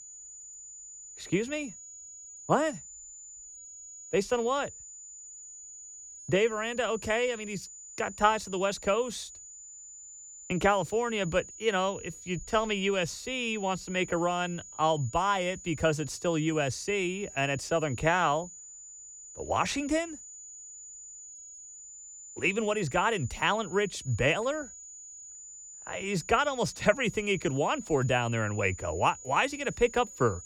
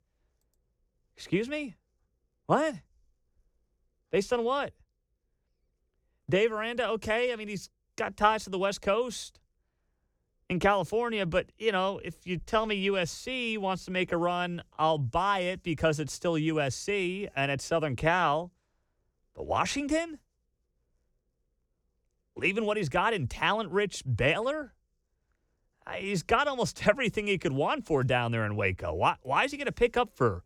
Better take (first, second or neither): second